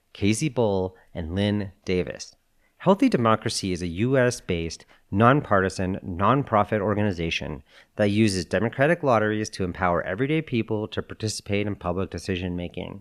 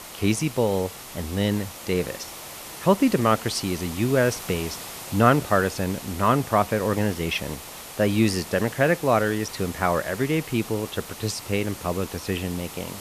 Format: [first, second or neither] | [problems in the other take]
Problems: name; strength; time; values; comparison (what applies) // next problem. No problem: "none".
first | hiss; noticeable; throughout; 10 dB below the speech